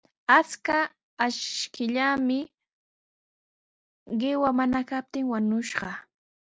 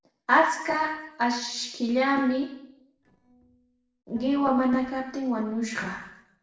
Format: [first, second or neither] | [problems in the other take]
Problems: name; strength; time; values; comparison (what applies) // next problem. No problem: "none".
first | noise reduction (neural separator model SepFormer DNS4)